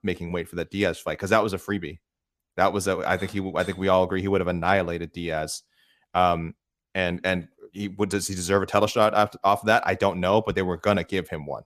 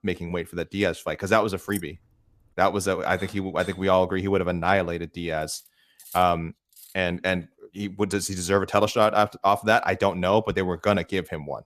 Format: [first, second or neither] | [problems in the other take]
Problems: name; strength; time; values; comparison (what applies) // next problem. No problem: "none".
first | jangling keys; faint; at 1.5 s; peak 15 dB below the speech // clattering dishes; faint; from 5.5 to 7 s; peak 15 dB below the speech